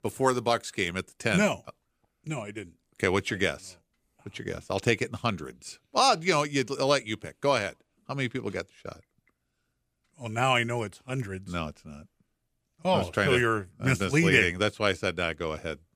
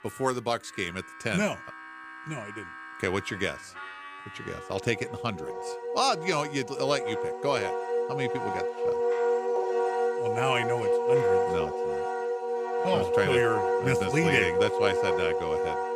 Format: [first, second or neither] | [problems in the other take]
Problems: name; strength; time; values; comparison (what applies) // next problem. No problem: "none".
first | background music; very loud; throughout; 2 dB above the speech